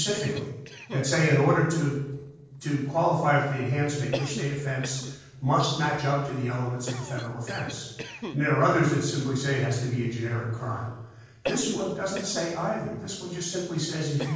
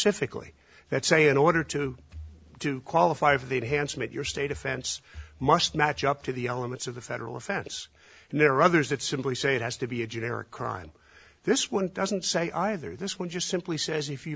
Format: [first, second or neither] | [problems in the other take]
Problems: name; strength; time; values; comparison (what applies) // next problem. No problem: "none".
second | noise reduction (neural separator model SepFormer DNS4)